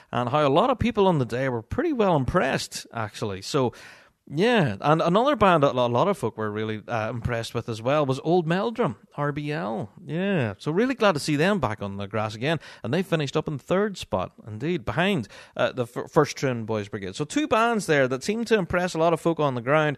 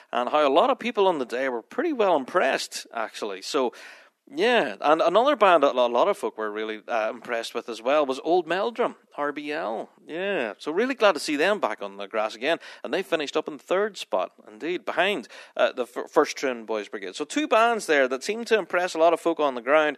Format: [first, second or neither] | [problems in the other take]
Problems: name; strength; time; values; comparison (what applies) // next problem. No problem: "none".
first | thin; somewhat; fading below 250 Hz